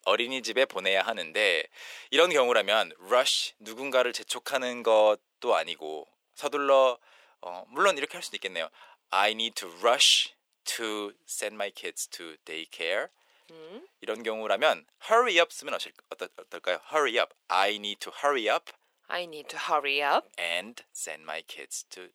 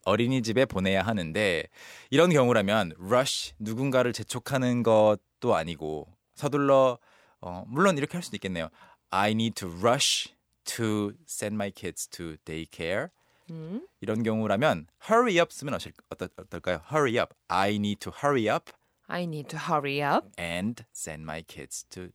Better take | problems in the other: second | thin; very; fading below 400 Hz

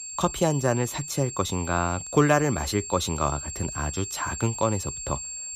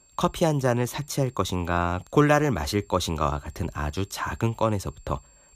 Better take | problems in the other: second | high-pitched whine; loud; throughout; 7.5 kHz, 7 dB below the speech; faint in the second

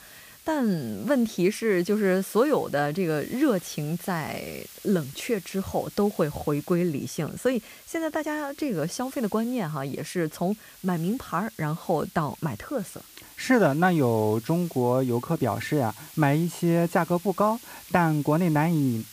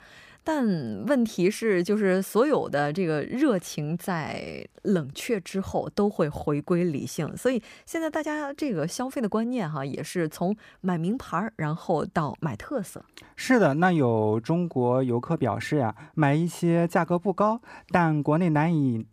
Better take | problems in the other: second | hiss; noticeable; throughout; 20 dB below the speech

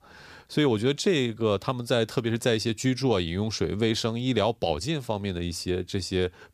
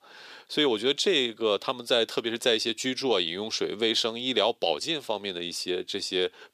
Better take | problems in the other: first | thin; somewhat; fading below 400 Hz

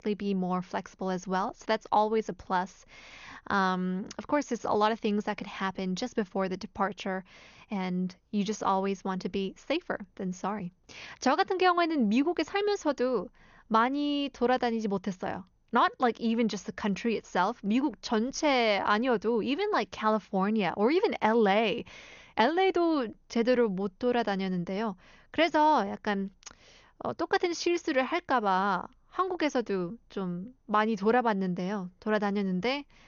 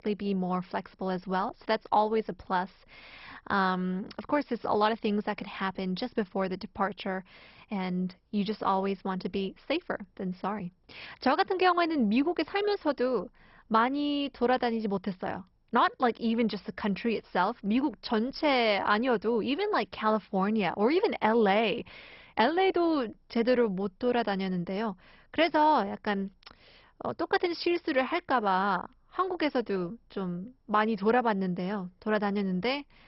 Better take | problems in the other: first | garbled, watery; badly; nothing above 5.5 kHz; slightly in the first

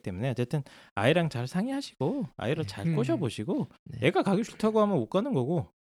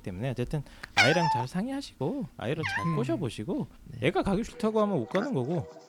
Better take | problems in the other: first | animal sounds; very loud; throughout; 1 dB above the speech

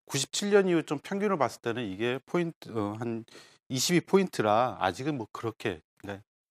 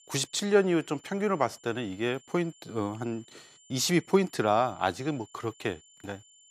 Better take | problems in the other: first | high-pitched whine; faint; throughout; 7 kHz, 25 dB below the speech

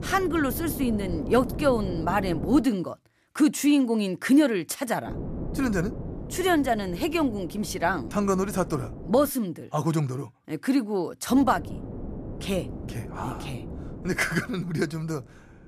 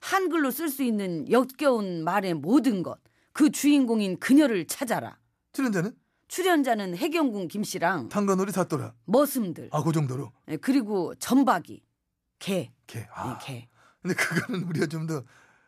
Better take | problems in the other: second | wind noise on the microphone; occasional gusts; until 2.5 s, from 5 to 9.5 s and from 11 s on; 15 dB below the speech

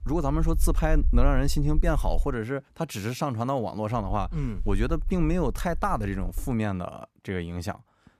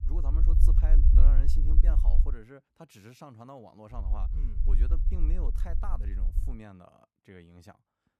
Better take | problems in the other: first | low rumble; loud; until 2.5 s and from 4 to 6.5 s; 2 dB below the speech; faint in the first

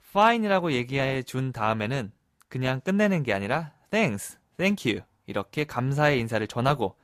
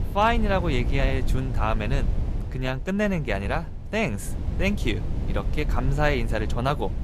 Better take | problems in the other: first | wind noise on the microphone; occasional gusts; 15 dB below the speech

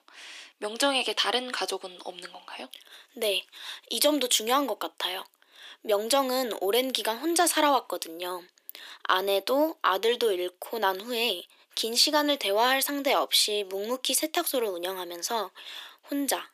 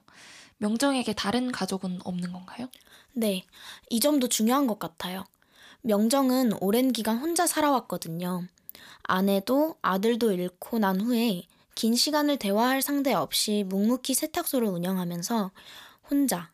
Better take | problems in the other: second | thin; somewhat; fading below 300 Hz

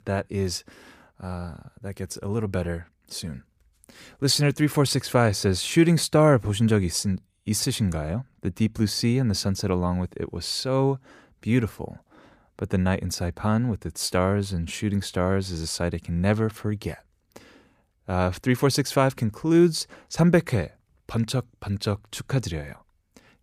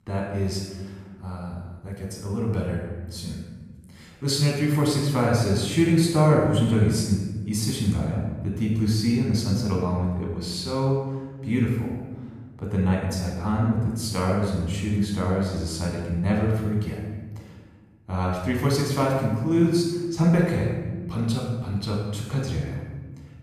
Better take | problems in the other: first | room echo; noticeable; dies away in 1.2 s // off-mic speech; far

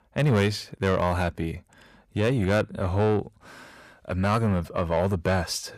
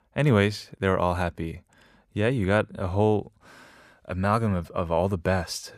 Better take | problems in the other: second | distortion; slight; 10 dB below the speech

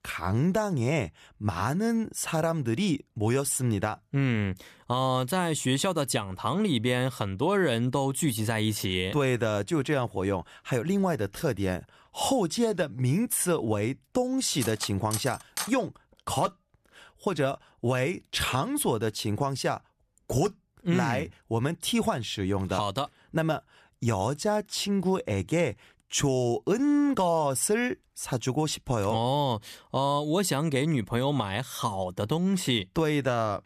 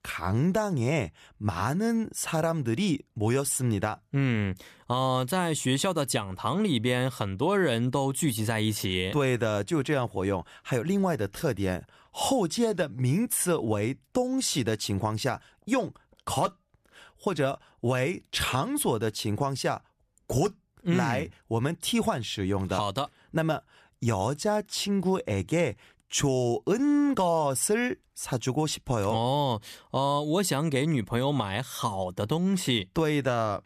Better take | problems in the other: second | clattering dishes; noticeable; from 15 to 16 s; peak 6 dB below the speech

